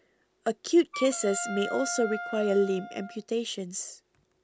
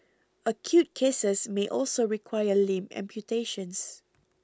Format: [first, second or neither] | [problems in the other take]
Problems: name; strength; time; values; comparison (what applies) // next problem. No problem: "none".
second | background sound (Wind instrument, woodwind instrument); 10 dB below the speech